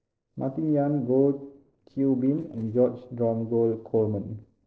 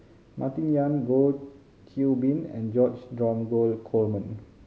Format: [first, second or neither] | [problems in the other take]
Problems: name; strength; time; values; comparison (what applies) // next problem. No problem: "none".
second | noise reduction (neural separator model SepFormer DNS4)